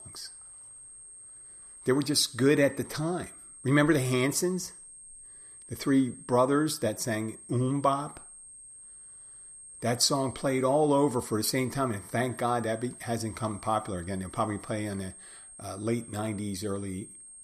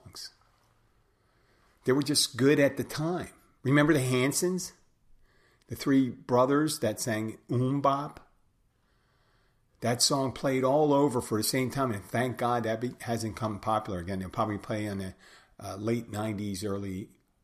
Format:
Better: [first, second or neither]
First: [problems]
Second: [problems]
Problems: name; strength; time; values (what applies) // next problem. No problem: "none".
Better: second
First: high-pitched whine; noticeable; throughout; 8.5 kHz, 15 dB below the speech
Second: none